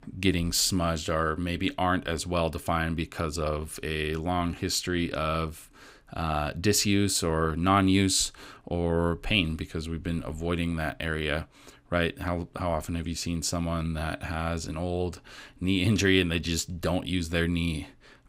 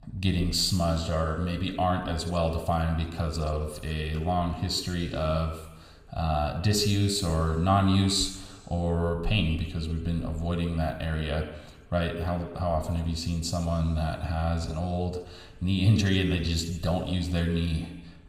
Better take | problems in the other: first | room echo; slight; dies away in 1 s

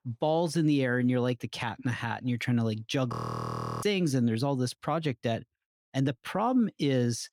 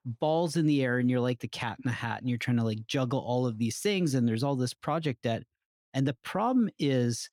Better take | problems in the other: second | audio freezing; at 3 s for 0.5 s

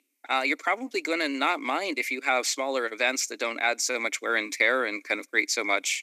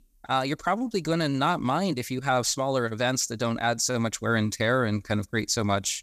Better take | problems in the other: second | thin; somewhat; fading below 250 Hz

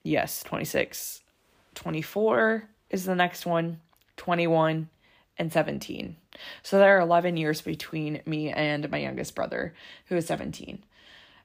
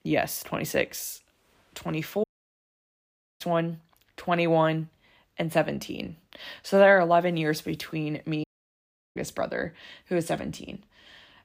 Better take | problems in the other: first | audio cutting out; at 2 s for 1 s and at 8.5 s for 0.5 s

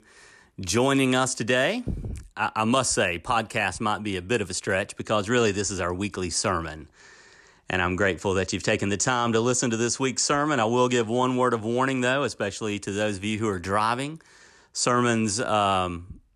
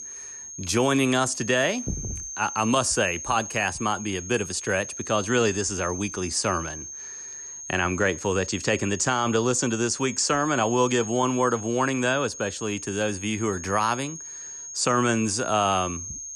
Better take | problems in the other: first | high-pitched whine; loud; throughout; 6.5 kHz, 10 dB below the speech

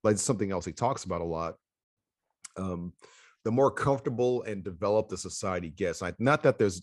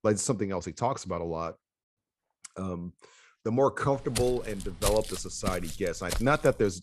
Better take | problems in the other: first | footsteps; noticeable; from 4 s on; peak 2 dB below the speech

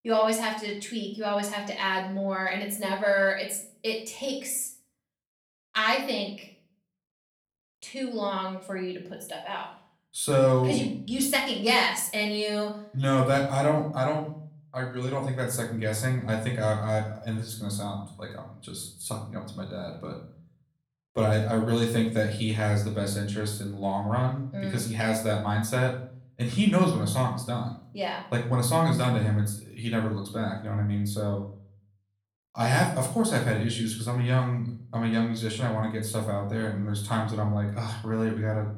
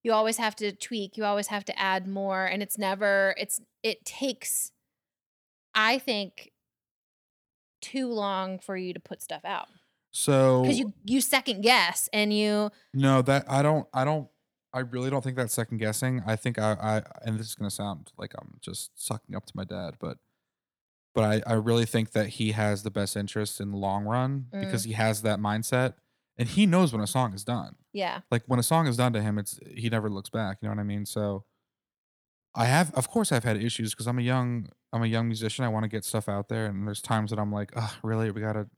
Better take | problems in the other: second | room echo; slight; dies away in 0.4 s // off-mic speech; far

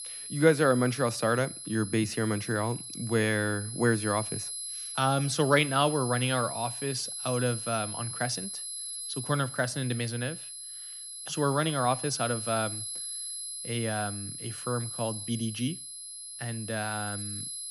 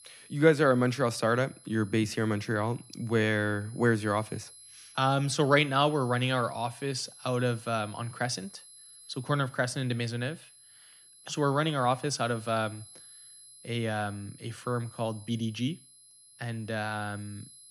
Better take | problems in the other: second | high-pitched whine; loud; throughout; 11 kHz, 7 dB below the speech; faint in the second

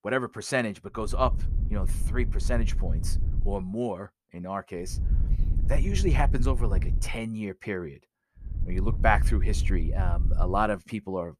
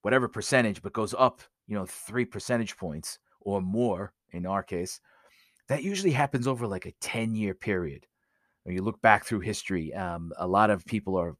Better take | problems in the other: second | wind noise on the microphone; occasional gusts; from 1 to 3.5 s, from 5 to 7 s and from 8.5 to 11 s; 15 dB below the speech

